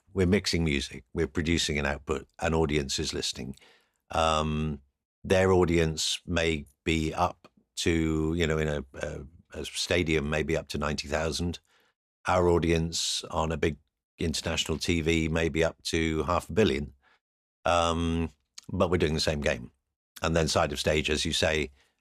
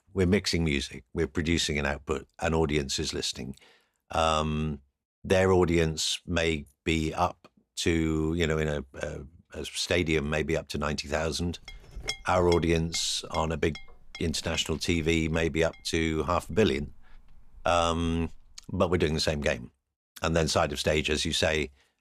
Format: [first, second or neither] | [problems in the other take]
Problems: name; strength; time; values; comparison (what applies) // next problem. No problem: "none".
first | clattering dishes; noticeable; from 12 to 18 s; peak 8 dB below the speech